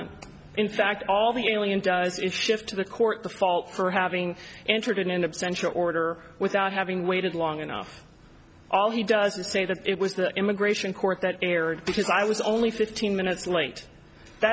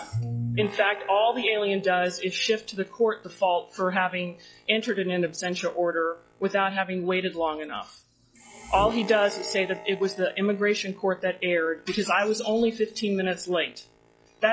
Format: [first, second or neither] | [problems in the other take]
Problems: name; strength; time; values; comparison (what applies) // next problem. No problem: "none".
first | noise reduction (classical method log-MMSE)